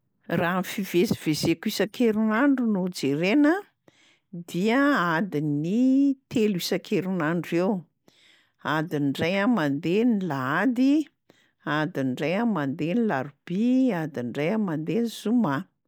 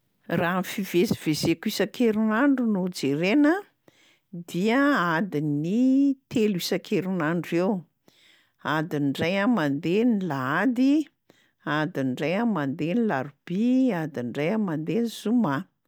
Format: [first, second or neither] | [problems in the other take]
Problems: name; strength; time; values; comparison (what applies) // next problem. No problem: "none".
second | noise reduction (neural mask model Resemble Enhance denoiser)